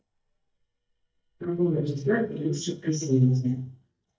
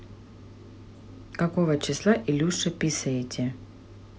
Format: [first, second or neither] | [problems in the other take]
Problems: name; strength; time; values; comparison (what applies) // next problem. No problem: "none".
second | noise reduction (neural mask model DeepFilterNet 3)